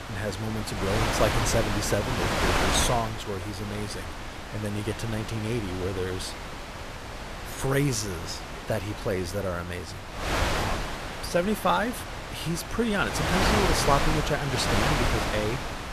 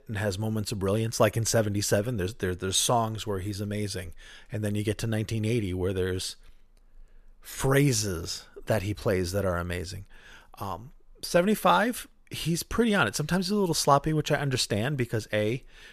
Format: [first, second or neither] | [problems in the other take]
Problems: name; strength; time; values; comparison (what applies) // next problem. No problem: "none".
second | wind noise on the microphone; heavy; as loud as the speech